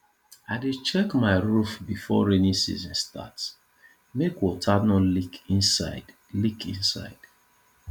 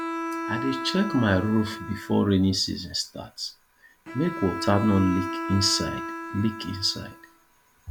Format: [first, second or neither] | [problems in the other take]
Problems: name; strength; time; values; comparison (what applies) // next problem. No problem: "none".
first | background sound (Bowed string instrument); 8 dB below the speech